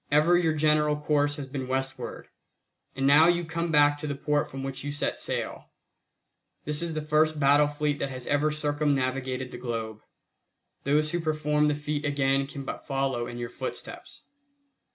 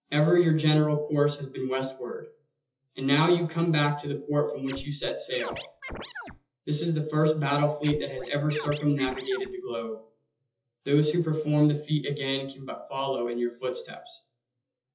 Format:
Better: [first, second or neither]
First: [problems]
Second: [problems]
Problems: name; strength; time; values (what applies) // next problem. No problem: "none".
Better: first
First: none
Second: noise reduction (classical method WPE with log-MMSE)